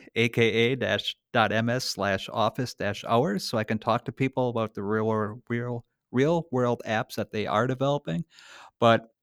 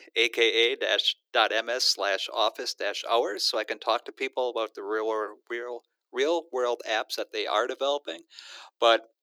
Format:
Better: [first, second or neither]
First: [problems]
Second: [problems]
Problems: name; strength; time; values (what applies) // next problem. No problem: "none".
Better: first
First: none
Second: thin; very; fading below 300 Hz